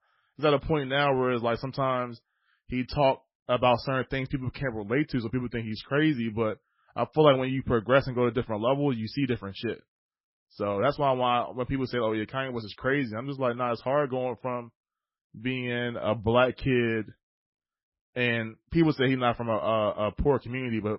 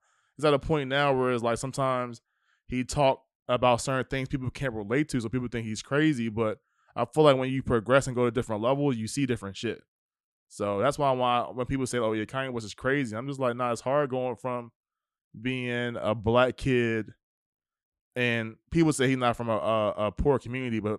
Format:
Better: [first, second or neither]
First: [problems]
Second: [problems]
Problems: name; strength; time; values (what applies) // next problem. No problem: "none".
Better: second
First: garbled, watery; badly; nothing above 5.5 kHz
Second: none